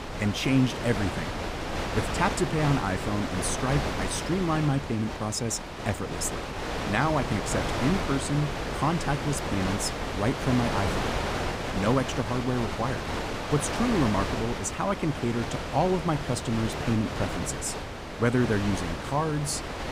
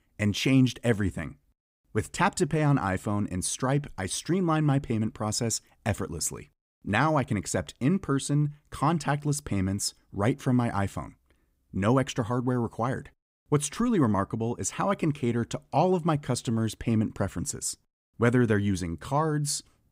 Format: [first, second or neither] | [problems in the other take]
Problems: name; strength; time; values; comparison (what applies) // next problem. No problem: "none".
second | wind noise on the microphone; heavy; 1 dB below the speech